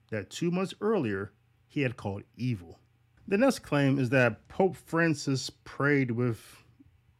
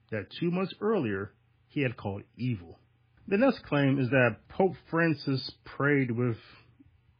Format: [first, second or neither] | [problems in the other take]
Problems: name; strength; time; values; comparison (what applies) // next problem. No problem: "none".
first | garbled, watery; badly